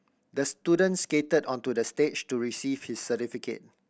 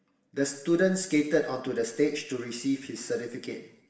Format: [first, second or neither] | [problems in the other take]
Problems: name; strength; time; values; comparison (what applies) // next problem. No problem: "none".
first | room echo; dies away in 0.8 s